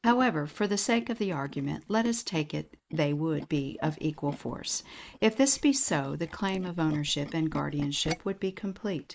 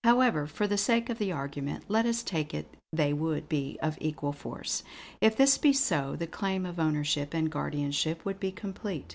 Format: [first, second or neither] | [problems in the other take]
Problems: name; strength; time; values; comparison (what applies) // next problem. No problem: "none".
second | noise reduction (neural mask model Resemble Enhance denoiser)